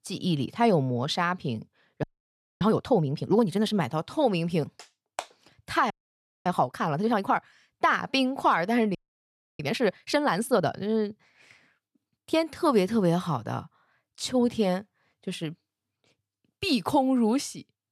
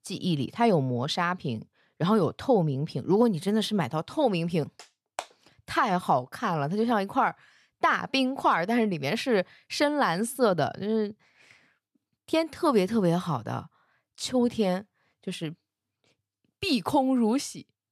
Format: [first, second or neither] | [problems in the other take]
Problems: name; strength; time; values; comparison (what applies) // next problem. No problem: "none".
second | audio freezing; at 2 s for 0.5 s, at 6 s for 0.5 s and at 9 s for 0.5 s